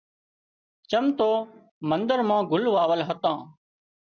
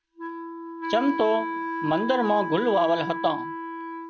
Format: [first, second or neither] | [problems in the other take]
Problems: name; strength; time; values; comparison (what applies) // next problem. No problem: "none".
first | background sound (Wind instrument, woodwind instrument); 5 dB below the speech